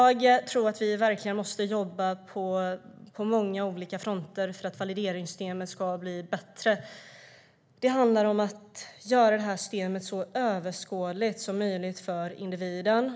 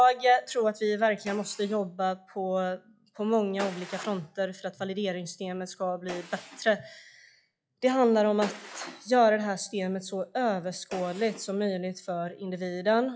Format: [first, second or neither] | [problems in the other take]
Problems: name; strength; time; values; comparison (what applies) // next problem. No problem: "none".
first | noise reduction (classical method log-MMSE)